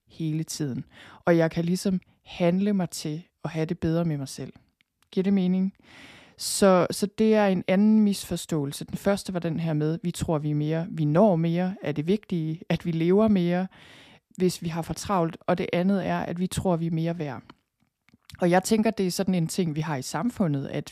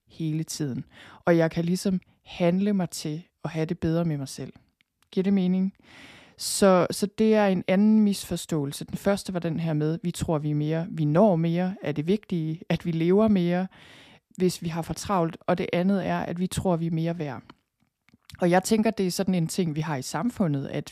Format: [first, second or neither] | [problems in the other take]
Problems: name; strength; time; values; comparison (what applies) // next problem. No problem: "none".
neither | none